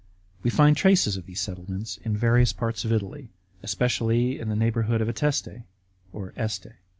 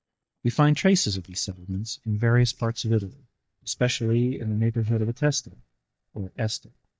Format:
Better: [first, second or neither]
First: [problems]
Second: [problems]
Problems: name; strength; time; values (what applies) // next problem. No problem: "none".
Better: first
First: none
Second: noise reduction (neural mask model DeepFilterNet 3)